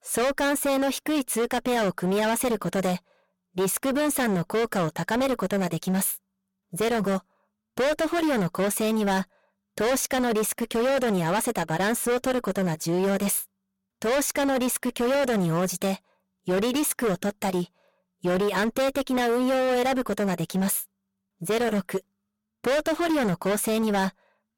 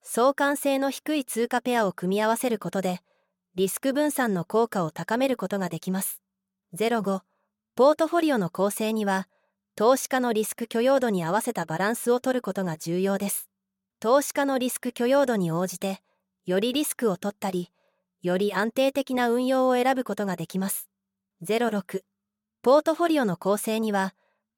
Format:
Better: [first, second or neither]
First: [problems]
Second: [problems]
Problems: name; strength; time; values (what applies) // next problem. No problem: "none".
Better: second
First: distortion; heavy; 22% of the sound clipped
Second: none